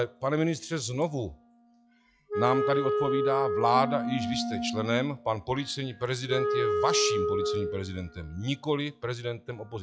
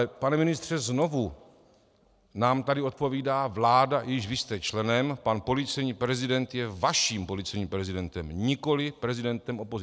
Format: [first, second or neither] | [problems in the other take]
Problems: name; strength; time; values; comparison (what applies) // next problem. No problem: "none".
second | noise reduction (classical method log-MMSE)